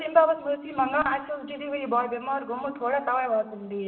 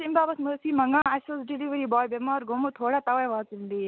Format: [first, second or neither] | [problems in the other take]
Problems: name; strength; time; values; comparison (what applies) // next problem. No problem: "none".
second | room echo; dies away in 0.9 s